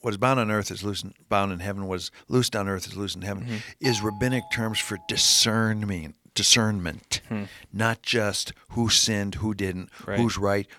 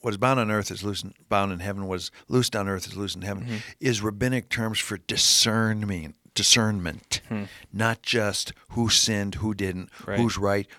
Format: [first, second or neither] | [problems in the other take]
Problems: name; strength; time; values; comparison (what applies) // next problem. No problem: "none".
second | doorbell; noticeable; from 4 to 5 s; peak 8 dB below the speech